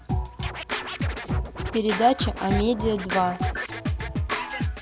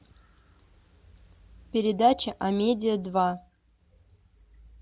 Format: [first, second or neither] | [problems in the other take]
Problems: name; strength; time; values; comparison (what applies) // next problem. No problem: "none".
second | background sound (Scratching (performance technique)); 1 dB below the speech